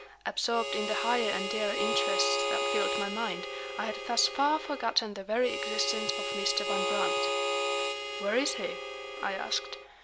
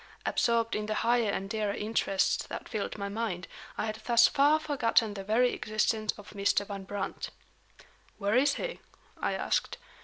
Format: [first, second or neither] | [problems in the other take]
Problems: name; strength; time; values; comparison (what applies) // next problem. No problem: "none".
second | background sound (Harmonica); 1 dB below the speech